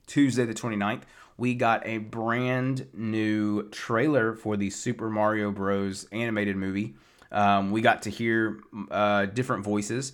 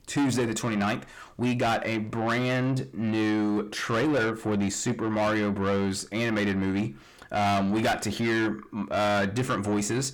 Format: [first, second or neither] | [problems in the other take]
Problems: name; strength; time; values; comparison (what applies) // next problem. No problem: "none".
first | distortion; heavy; 7 dB below the speech